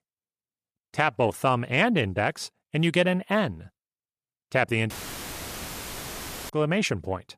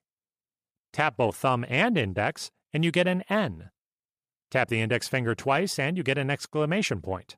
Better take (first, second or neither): second